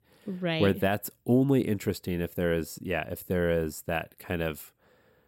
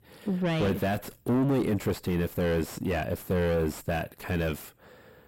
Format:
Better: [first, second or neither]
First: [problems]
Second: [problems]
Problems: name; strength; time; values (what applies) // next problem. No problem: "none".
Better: first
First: none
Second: distortion; heavy; 6 dB below the speech